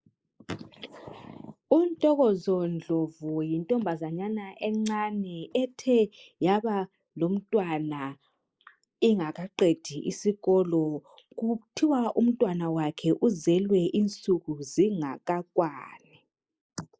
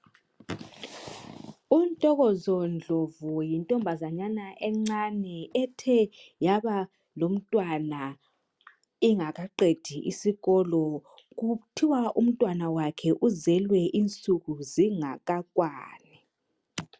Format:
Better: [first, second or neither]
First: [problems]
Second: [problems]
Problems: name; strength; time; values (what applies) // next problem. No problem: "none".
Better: second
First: noise reduction (neural mask model Resemble Enhance denoiser)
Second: none